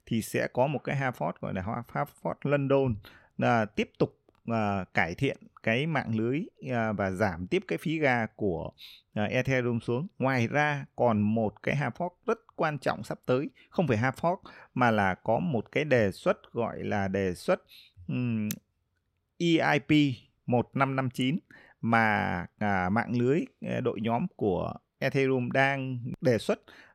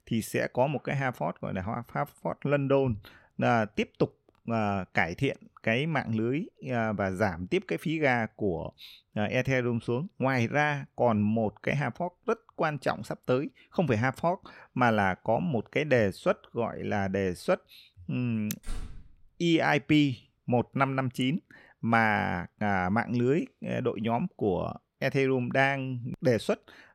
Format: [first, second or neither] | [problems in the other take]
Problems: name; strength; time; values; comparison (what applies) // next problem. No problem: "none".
first | door banging; faint; at 19 s; peak 15 dB below the speech